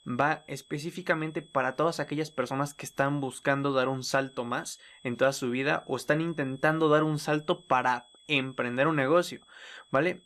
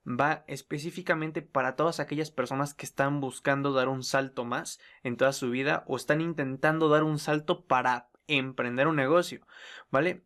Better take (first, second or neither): second